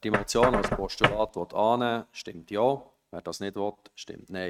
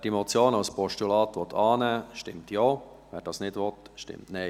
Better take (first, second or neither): second